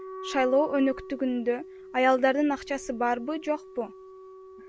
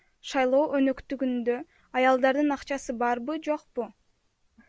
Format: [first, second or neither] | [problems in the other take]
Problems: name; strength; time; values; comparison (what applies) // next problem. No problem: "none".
second | background sound (Wind instrument, woodwind instrument); 15 dB below the speech